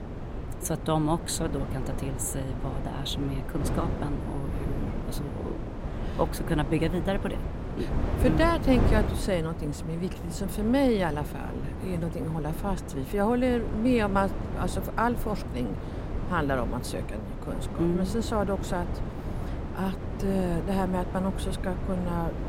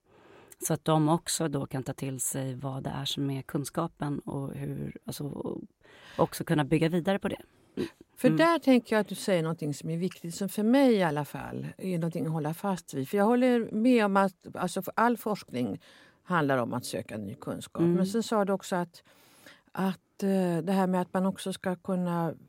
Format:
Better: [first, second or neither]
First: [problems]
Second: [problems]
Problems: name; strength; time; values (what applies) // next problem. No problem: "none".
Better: second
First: wind noise on the microphone; heavy; 8 dB below the speech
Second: none